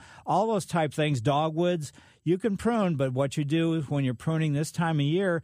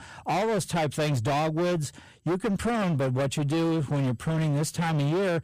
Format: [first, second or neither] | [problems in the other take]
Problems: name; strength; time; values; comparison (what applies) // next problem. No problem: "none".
first | distortion; heavy; 32% of the sound clipped